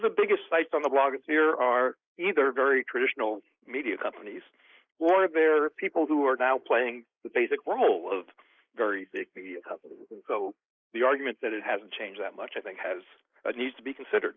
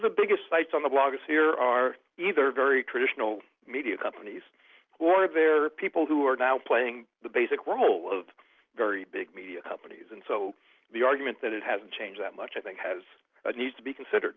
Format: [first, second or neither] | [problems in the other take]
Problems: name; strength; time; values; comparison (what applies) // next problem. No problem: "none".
second | noise reduction (neural mask model Resemble Enhance denoiser)